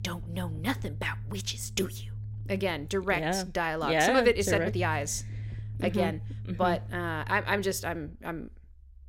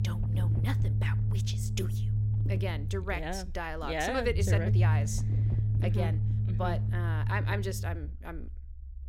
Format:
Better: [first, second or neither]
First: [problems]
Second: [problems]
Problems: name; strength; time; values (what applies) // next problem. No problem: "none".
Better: first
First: low rumble; faint; throughout; 25 dB below the speech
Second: low rumble; loud; throughout; 7 dB below the speech